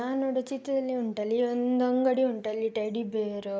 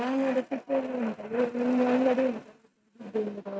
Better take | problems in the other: first | noise reduction (neural mask model RNNoise)

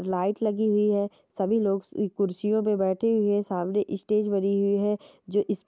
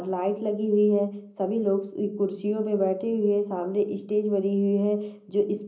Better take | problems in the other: first | room echo; dies away in 0.5 s

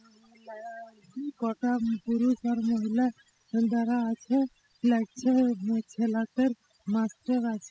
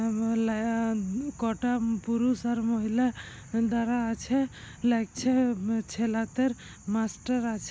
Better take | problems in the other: second | noise reduction (classical method spectral subtraction)

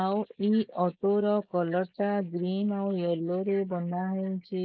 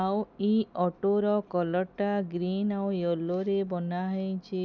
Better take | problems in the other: second | noise reduction (neural mask model Resemble Enhance denoiser)

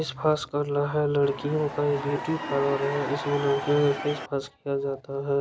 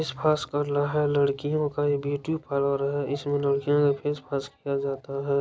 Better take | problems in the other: second | background sound (Crowd / Cheering); 8 dB below the speech

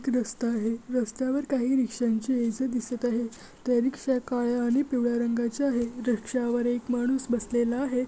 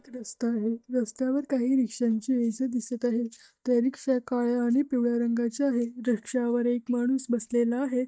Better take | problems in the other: first | noise reduction (neural mask model DeepFilterNet 3)

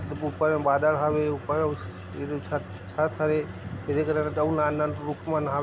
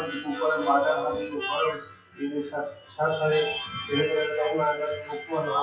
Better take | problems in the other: first | noise reduction (classical method WPE with log-MMSE)

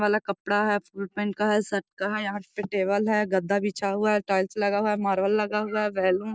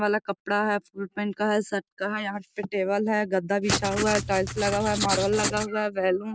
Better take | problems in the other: first | background sound (Writing); 3 dB below the speech

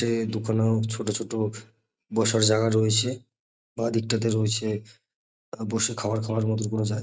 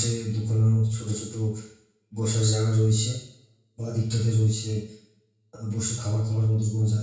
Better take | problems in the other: first | room echo; dies away in 0.6 s

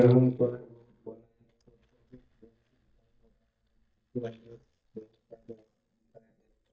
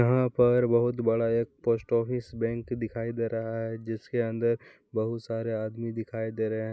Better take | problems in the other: second | noise reduction (neural mask model DeepFilterNet 3)

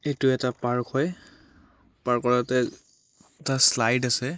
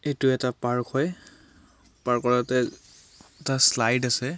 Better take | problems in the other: second | noise reduction (neural mask model Resemble Enhance denoiser)

